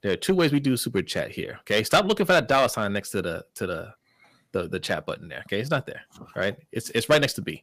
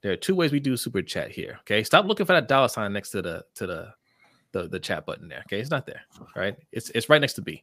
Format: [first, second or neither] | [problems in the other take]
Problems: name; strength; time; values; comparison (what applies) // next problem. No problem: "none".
second | distortion; slight; 1.8% of the sound clipped